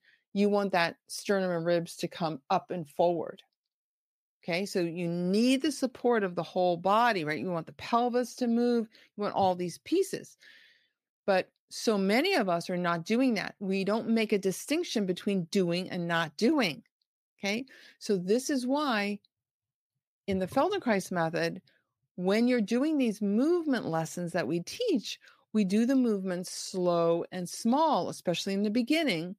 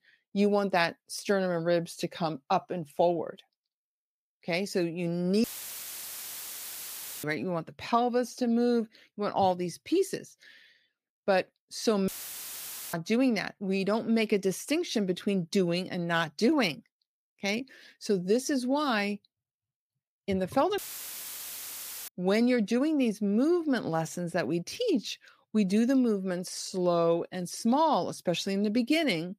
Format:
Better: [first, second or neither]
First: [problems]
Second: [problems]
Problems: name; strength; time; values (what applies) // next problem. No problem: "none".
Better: first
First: none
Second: audio cutting out; filled with static; at 5.5 s for 2 s, at 12 s for 1 s and at 21 s for 1.5 s